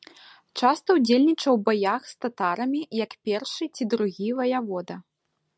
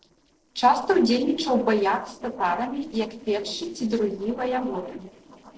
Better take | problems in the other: first | noise reduction (neural separator model SepFormer DNS4)

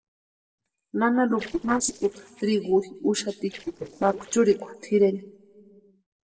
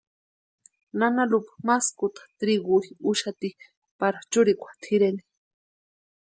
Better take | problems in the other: second | noise reduction (neural separator model SepFormer DNS4)

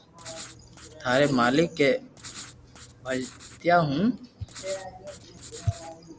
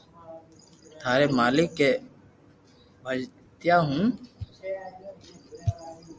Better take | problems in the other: second | background sound (Writing); 18 dB below the speech

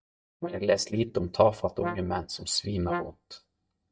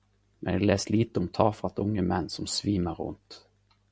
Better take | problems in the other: second | noise reduction (neural mask model DeepFilterNet 3)

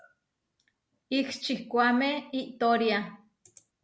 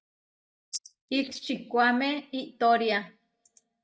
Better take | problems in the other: first | noise reduction (neural mask model DeepFilterNet 3)

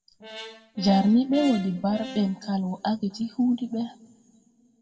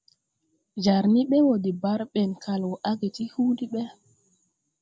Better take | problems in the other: second | background sound (Brass instrument); 14 dB below the speech // room echo; dies away in 1.3 s

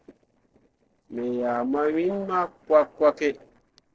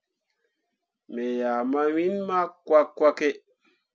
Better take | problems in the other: second | noise reduction (neural separator model SepFormer DNS4)

